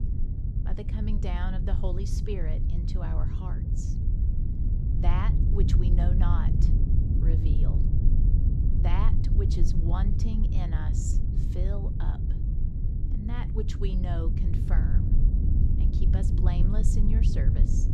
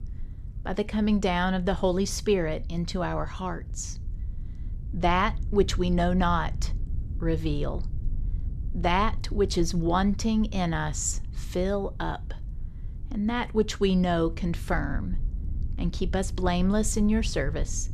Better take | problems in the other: second | low rumble; loud; throughout; 1 dB below the speech; faint in the second

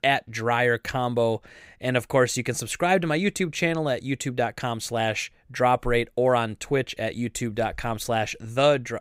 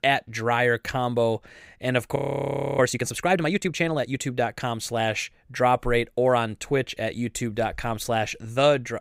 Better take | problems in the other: first | audio freezing; at 2 s for 0.5 s

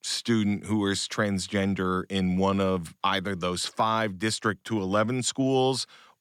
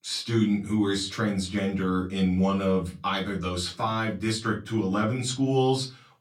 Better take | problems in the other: first | off-mic speech; far // room echo; very slight; dies away in 0.3 s

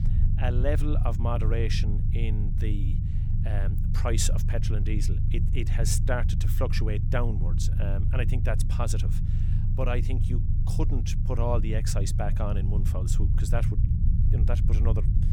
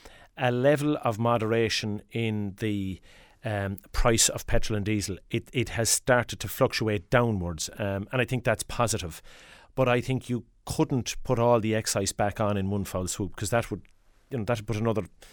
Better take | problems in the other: second | low rumble; loud; throughout; 7 dB below the speech

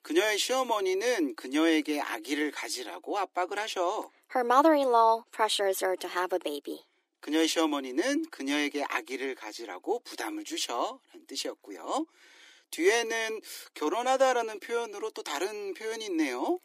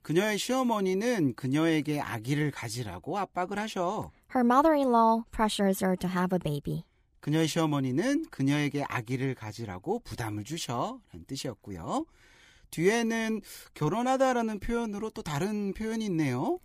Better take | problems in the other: second | thin; somewhat; fading below 300 Hz

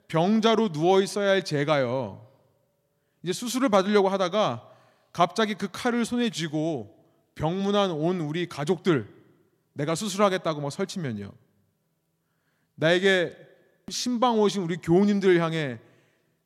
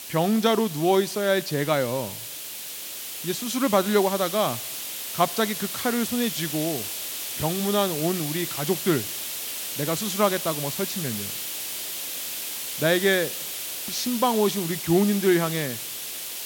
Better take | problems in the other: first | hiss; loud; throughout; 5 dB below the speech

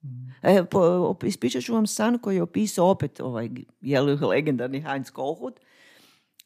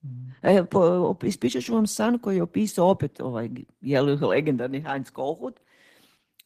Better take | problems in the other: first | garbled, watery; slightly; nothing above 14.5 kHz

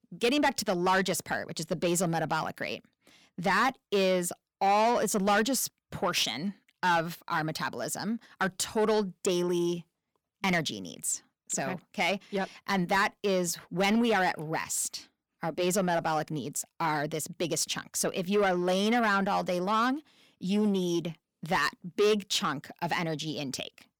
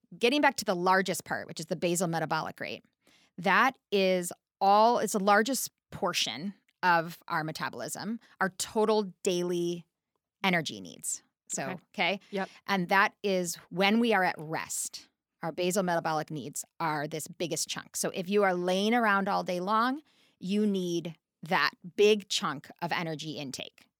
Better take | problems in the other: second | distortion; slight; 10 dB below the speech

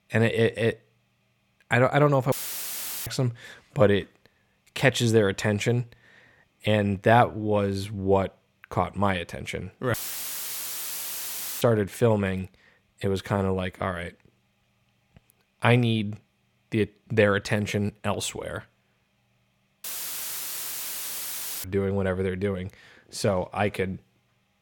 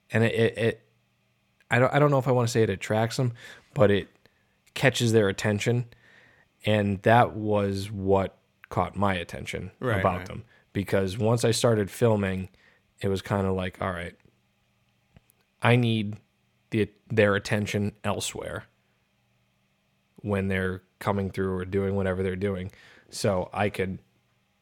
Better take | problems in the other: second | audio cutting out; filled with static; at 2.5 s for 0.5 s, at 10 s for 1.5 s and at 20 s for 2 s

